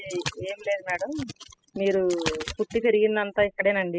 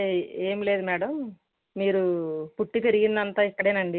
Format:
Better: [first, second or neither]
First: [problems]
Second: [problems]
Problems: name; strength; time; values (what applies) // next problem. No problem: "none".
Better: second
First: noise reduction (classical method spectral subtraction)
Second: none